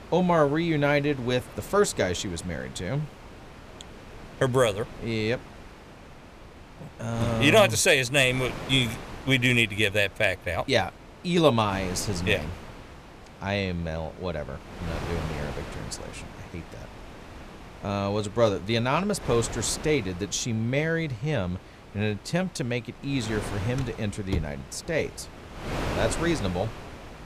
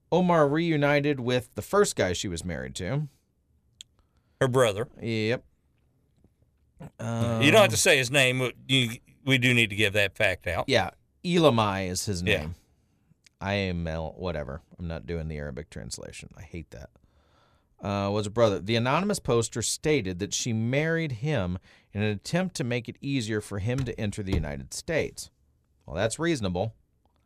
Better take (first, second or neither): second